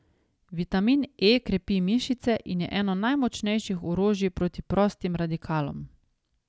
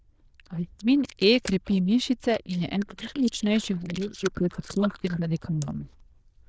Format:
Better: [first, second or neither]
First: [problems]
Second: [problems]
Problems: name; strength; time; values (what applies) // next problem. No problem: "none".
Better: first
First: none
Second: noise reduction (neural diffusion model UNIVERSE++)